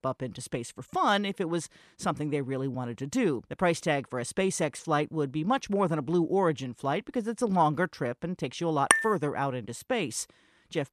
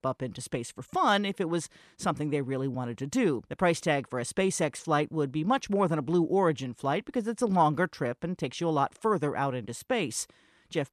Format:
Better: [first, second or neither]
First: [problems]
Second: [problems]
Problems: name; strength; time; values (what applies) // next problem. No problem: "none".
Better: second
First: clattering dishes; loud; at 9 s; peak 5 dB above the speech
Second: none